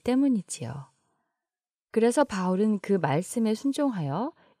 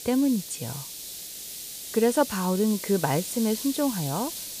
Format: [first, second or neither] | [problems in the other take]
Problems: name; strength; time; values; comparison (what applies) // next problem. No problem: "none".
first | hiss; loud; throughout; 8 dB below the speech